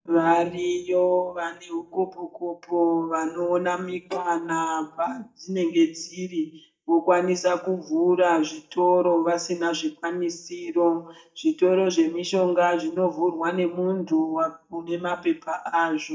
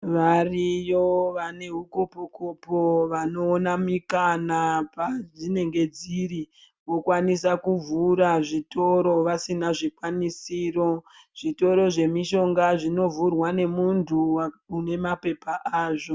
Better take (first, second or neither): second